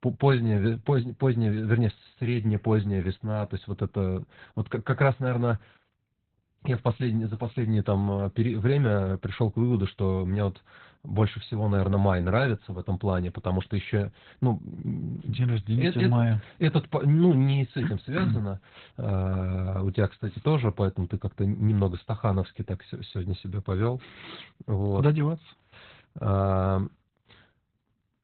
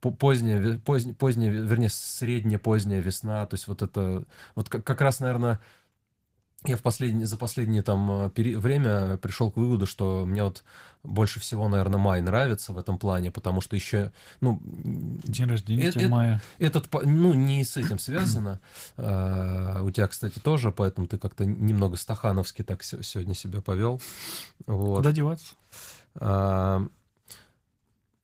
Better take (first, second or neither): second